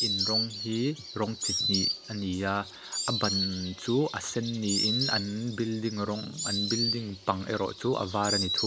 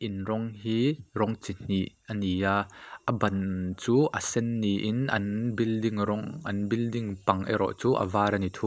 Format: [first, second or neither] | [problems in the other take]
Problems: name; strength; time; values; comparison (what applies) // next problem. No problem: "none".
second | background sound (Insect); 2 dB below the speech